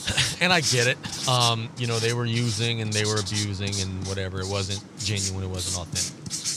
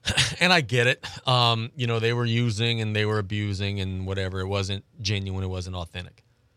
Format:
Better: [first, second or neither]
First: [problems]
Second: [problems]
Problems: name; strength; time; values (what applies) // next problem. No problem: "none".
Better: second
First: household noises; loud; throughout; 4 dB below the speech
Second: none